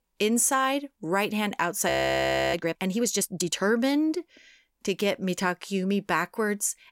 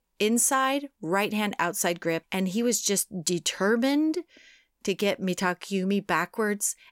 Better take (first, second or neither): second